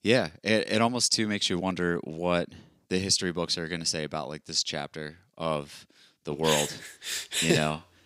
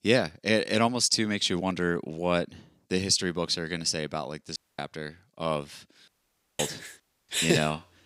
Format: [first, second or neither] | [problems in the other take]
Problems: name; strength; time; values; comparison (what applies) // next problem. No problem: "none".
first | audio cutting out; at 4.5 s, at 6 s for 0.5 s and at 7 s